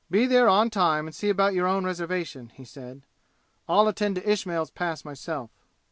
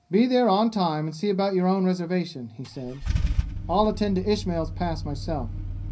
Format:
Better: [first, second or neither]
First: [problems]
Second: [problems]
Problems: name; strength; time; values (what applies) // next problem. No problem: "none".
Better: first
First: none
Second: background sound (Idling / Engine starting / Car); 7 dB below the speech // room echo; dies away in 0.4 s